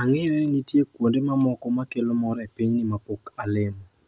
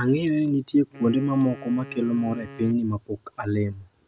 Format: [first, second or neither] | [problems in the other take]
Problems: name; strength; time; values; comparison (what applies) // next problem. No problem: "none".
first | background sound (Wind instrument, woodwind instrument); 20 dB below the speech